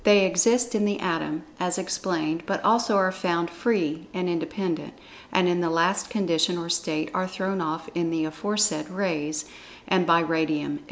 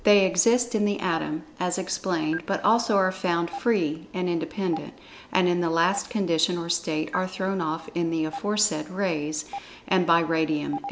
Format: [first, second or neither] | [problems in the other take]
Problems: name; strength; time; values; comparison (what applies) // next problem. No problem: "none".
first | background sound (Stream); 18 dB below the speech